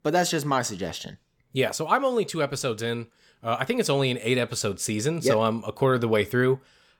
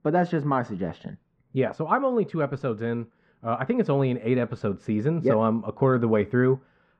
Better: first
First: none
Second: muffled; very; fading above 1.5 kHz

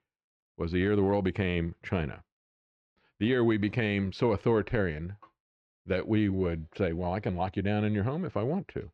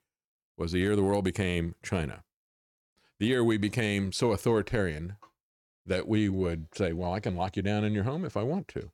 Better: second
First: muffled; slightly; fading above 3 kHz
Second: none

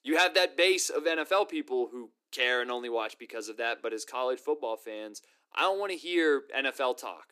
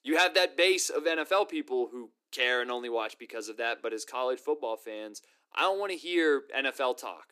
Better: neither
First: thin; somewhat; fading below 300 Hz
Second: thin; somewhat; fading below 300 Hz

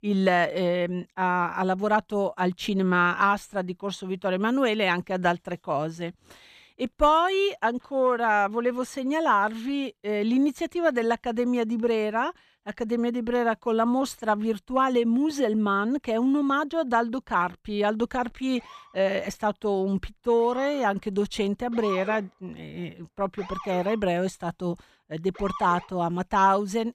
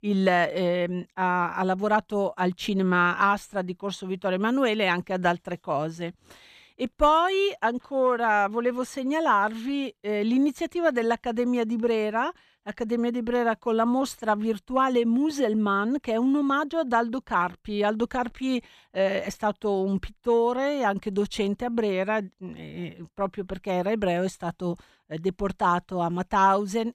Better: second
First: siren; noticeable; from 19 to 26 s; peak 9 dB below the speech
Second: none

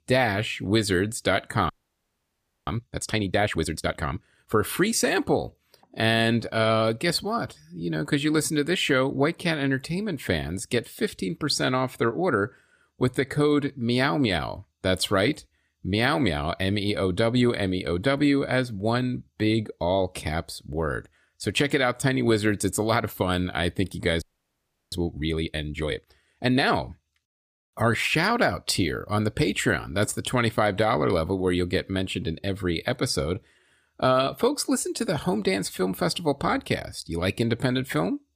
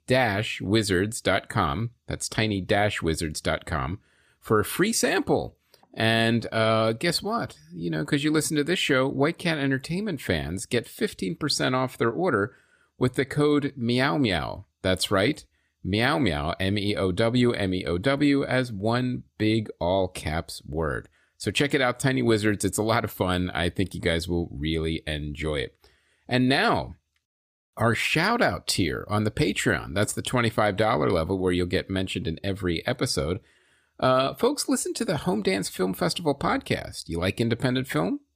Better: second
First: audio freezing; at 1.5 s for 1 s and at 24 s for 0.5 s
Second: none

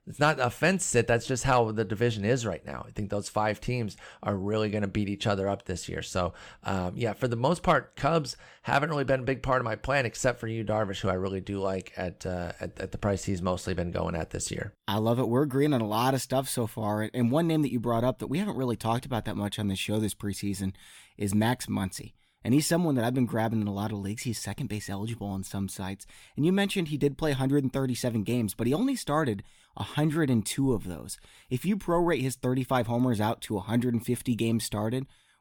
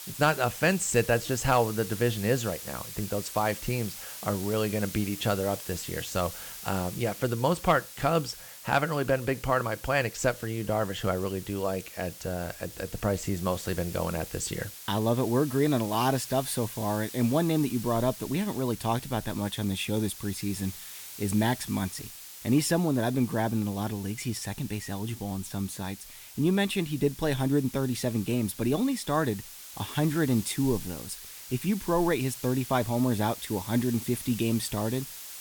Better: first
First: none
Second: hiss; noticeable; throughout; 10 dB below the speech

